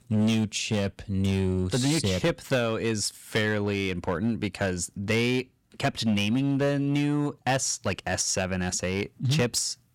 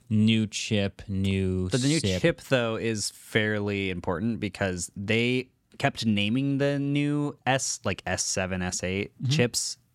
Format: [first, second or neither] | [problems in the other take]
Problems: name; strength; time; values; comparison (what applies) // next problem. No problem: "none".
second | distortion; slight; 7% of the sound clipped